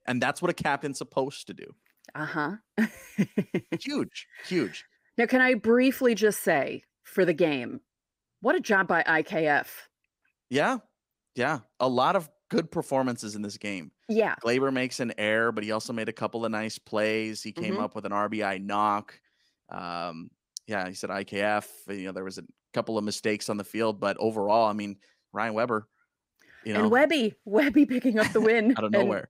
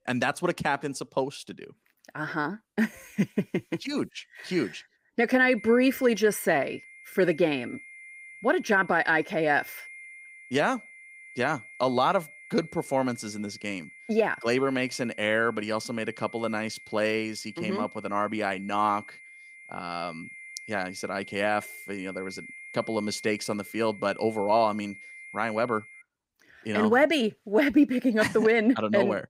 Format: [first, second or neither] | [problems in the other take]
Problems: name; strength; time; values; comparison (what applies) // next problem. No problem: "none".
first | high-pitched whine; noticeable; from 5.5 to 26 s; 2 kHz, 15 dB below the speech